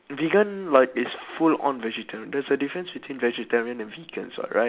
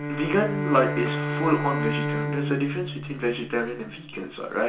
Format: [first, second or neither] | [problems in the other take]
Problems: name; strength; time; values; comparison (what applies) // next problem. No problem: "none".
first | background sound (Bowed string instrument); 3 dB below the speech // room echo; dies away in 0.4 s